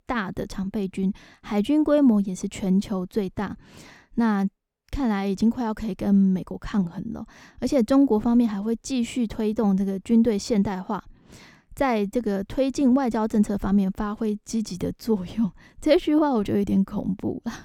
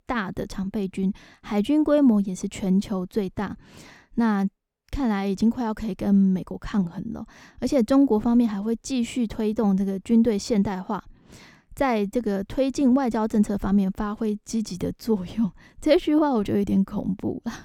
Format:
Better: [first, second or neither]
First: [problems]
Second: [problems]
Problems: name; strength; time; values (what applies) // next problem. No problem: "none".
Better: neither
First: none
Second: none